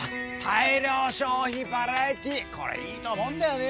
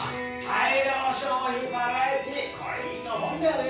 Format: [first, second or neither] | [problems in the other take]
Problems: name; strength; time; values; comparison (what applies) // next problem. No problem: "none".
first | room echo; dies away in 0.6 s